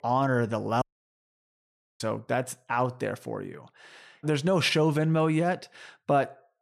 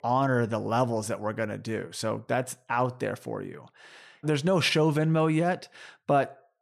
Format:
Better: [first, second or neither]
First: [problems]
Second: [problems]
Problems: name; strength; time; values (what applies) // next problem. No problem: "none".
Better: second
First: audio cutting out; at 1 s for 1 s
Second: none